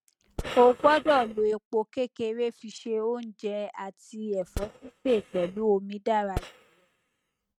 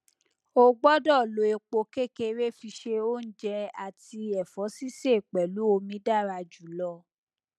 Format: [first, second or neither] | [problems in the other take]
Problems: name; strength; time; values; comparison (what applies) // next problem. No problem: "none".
second | noise reduction (neural mask model RNNoise)